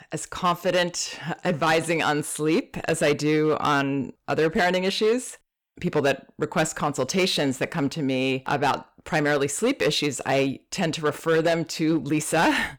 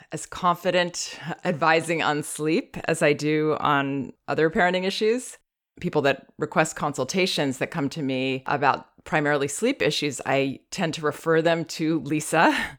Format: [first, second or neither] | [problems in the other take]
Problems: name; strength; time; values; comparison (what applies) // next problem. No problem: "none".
second | distortion; slight; 6% of the sound clipped